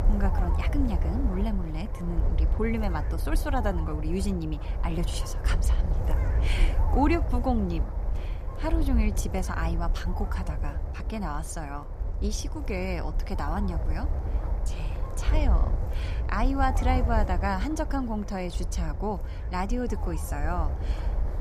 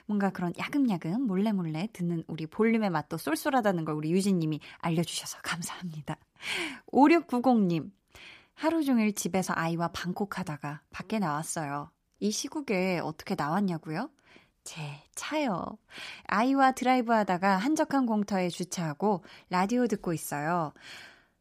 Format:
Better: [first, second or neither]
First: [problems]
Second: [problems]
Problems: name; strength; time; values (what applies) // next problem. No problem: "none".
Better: second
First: wind noise on the microphone; heavy; 9 dB below the speech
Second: none